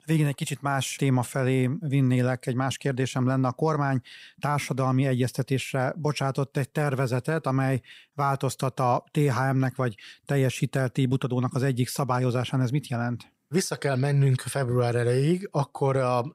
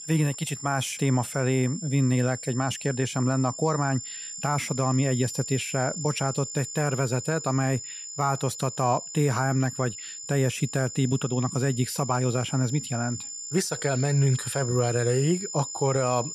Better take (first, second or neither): first